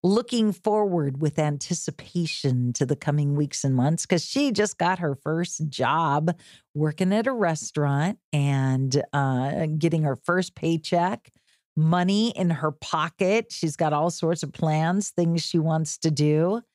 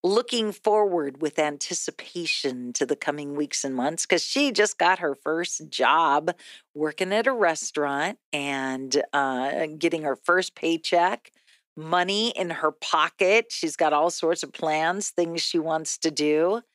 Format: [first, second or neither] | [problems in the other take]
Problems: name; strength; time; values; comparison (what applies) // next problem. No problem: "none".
first | thin; somewhat; fading below 300 Hz